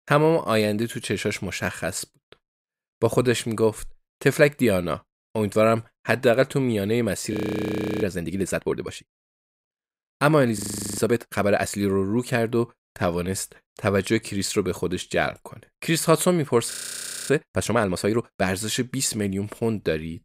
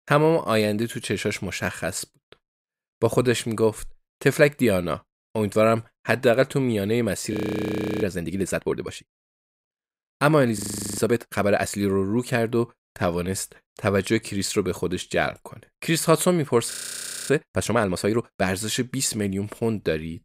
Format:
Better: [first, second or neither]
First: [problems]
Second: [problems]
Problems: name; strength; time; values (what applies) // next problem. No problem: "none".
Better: neither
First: audio freezing; at 7.5 s for 0.5 s, at 11 s and at 17 s for 0.5 s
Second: audio freezing; at 7.5 s for 0.5 s, at 11 s and at 17 s for 0.5 s